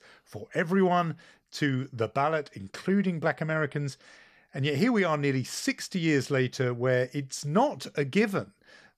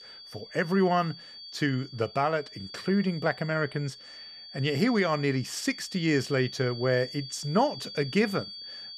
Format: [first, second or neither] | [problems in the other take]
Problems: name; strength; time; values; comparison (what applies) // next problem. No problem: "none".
first | high-pitched whine; noticeable; throughout; 4.5 kHz, 15 dB below the speech